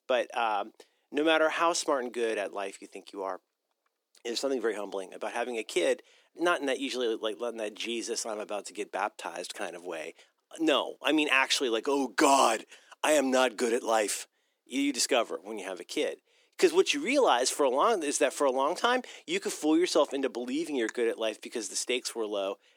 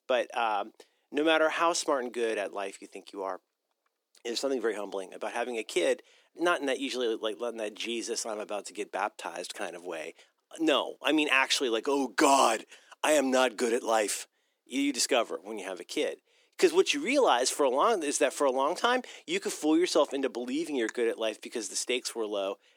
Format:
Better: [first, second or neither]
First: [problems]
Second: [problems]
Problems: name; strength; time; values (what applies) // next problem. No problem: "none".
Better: neither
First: thin; somewhat; fading below 300 Hz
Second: thin; somewhat; fading below 300 Hz